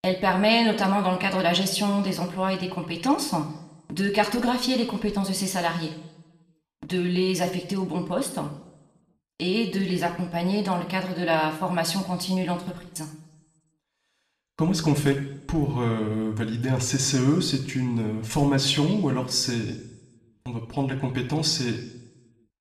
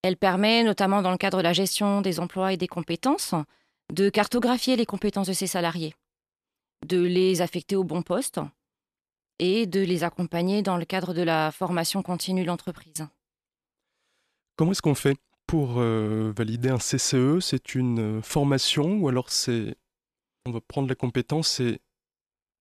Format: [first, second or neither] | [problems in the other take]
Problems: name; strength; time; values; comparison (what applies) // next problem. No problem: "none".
second | room echo; slight; dies away in 0.7 s